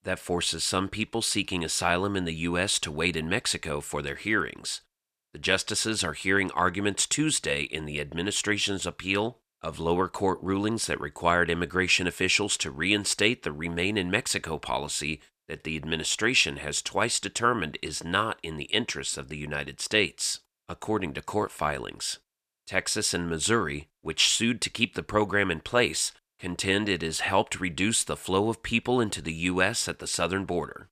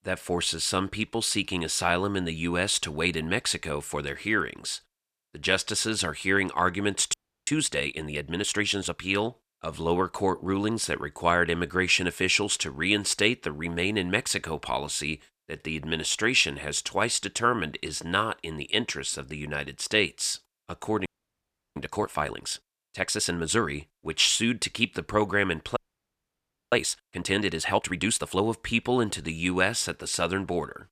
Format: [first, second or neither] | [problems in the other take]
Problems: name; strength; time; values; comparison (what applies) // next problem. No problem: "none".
first | audio freezing; at 7 s, at 21 s for 0.5 s and at 26 s for 1 s